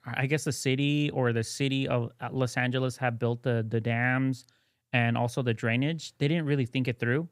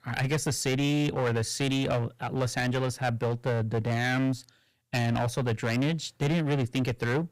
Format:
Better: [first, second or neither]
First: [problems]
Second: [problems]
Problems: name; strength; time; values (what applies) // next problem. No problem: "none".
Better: first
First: none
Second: distortion; heavy; 13% of the sound clipped